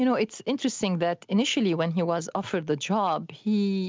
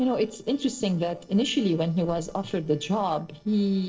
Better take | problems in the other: first | noise reduction (neural separator model SepFormer DNS4)

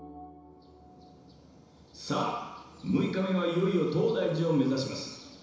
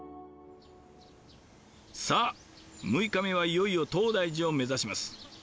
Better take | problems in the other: second | room echo; dies away in 1 s

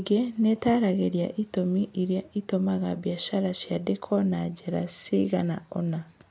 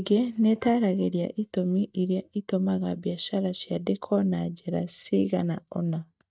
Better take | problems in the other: first | noise reduction (neural mask model DeepFilterNet 3)

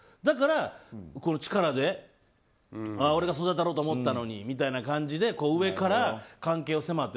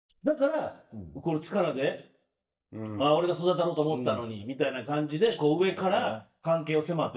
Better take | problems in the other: first | noise reduction (neural mask model DeepFilterNet 3)

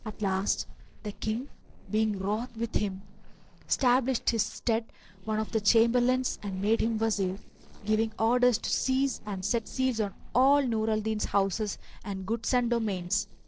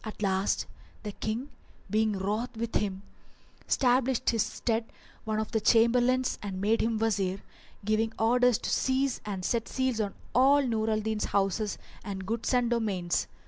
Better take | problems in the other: second | noise reduction (neural separator model SepFormer DNS4)

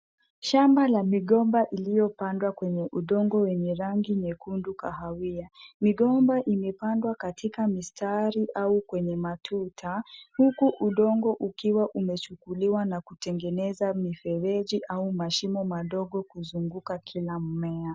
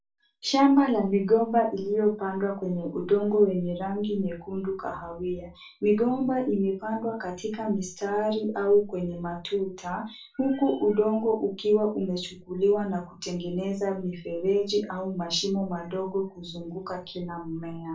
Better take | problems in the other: first | room echo; dies away in 0.2 s

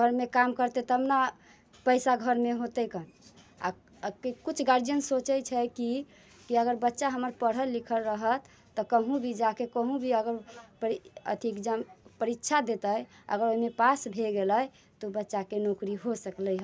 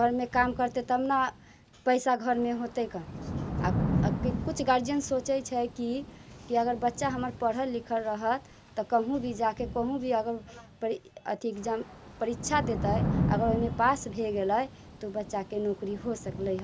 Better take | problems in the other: first | background sound (Thunder / Rain); 6 dB below the speech

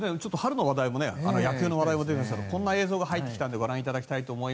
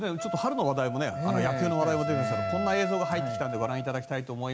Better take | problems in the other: first | background sound (Wind instrument, woodwind instrument); 5 dB below the speech

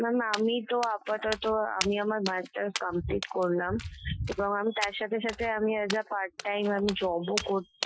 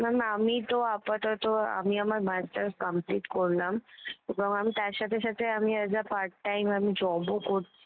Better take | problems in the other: second | noise reduction (classical method Wiener filter)

